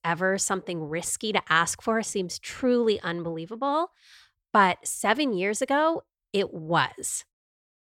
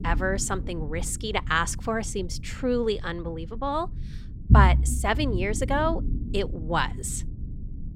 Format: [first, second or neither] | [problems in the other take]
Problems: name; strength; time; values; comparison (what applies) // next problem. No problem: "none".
first | low rumble; noticeable; throughout; 15 dB below the speech